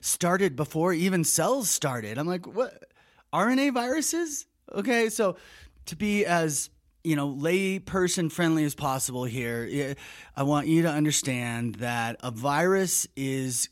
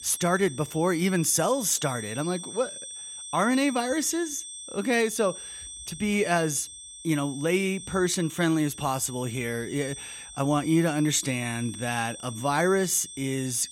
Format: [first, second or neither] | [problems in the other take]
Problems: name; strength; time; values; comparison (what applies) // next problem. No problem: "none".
first | high-pitched whine; noticeable; throughout; 8.5 kHz, 10 dB below the speech